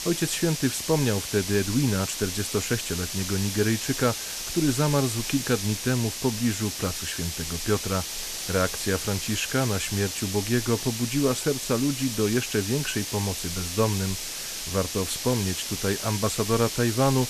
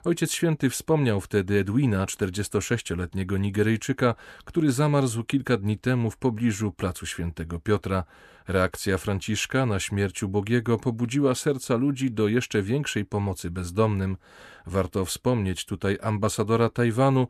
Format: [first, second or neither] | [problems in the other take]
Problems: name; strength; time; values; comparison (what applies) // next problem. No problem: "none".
second | hiss; loud; throughout; 4 dB below the speech